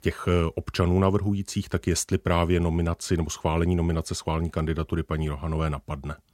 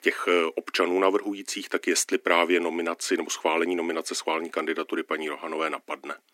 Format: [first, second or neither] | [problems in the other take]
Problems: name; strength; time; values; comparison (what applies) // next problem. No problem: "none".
first | thin; somewhat; fading below 250 Hz